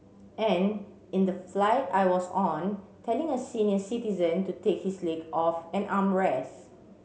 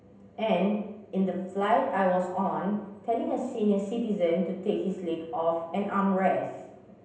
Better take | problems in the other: first | room echo; dies away in 0.8 s

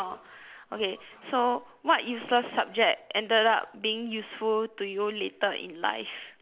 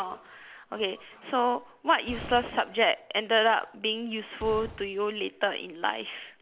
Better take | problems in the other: first | background sound (Glass); 16 dB below the speech

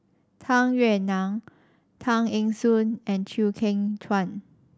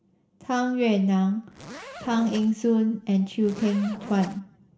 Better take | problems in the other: first | background sound (Zipper (clothing)); 15 dB below the speech // room echo; dies away in 0.6 s

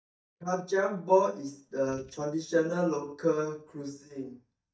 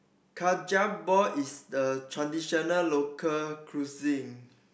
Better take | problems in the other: second | noise reduction (neural mask model DeepFilterNet 3)

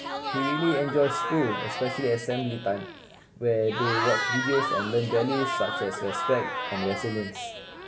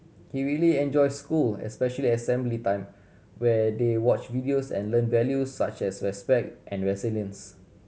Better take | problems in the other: second | background sound (Crowd / Cheering); 3 dB below the speech // room echo; dies away in 0.2 s

